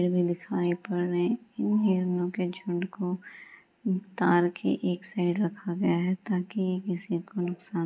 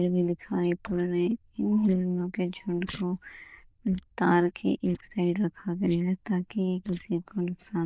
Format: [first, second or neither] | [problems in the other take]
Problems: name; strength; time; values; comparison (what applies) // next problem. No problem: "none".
first | noise reduction (neural diffusion model UNIVERSE++)